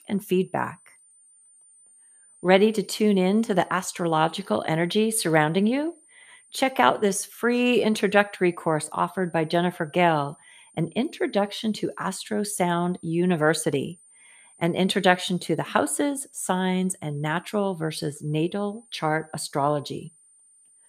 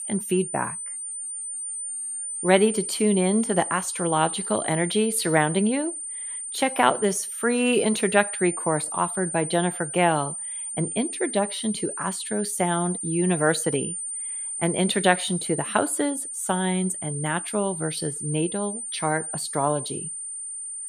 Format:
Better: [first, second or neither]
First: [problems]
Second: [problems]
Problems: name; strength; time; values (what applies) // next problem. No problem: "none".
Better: first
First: high-pitched whine; faint; throughout; 9 kHz, 30 dB below the speech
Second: high-pitched whine; loud; throughout; 9 kHz, 5 dB below the speech